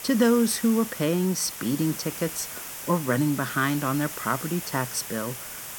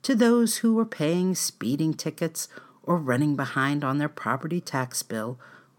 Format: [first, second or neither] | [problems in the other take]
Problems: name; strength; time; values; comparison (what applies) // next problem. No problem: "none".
second | hiss; loud; throughout; 9 dB below the speech